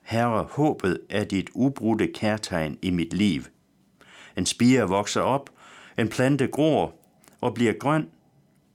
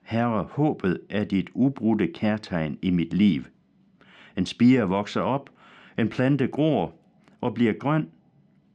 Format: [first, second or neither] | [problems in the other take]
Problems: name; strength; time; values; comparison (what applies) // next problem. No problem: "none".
first | muffled; slightly; fading above 3 kHz